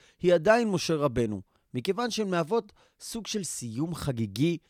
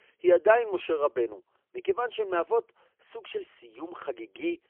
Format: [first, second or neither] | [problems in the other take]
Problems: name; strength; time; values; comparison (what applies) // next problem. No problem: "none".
first | phone-call audio; poor line; nothing above 3.5 kHz